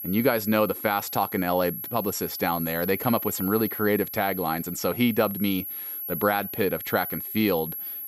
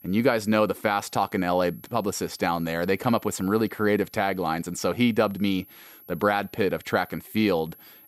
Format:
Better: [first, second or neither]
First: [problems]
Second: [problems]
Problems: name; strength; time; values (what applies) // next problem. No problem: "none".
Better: second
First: high-pitched whine; loud; throughout; 11.5 kHz, 7 dB below the speech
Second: high-pitched whine; faint; throughout; 11.5 kHz, 25 dB below the speech